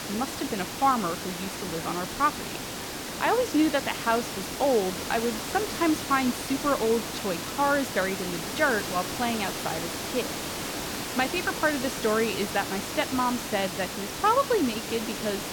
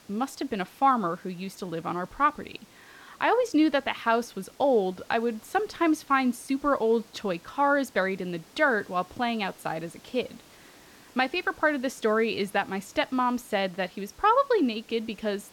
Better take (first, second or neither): second